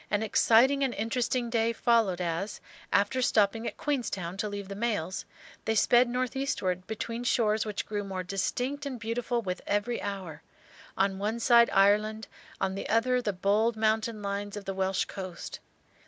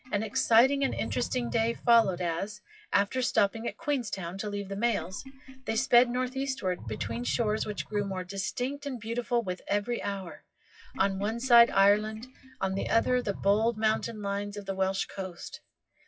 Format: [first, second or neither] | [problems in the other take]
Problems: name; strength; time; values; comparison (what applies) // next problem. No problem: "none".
first | noise reduction (classical method WPE with log-MMSE)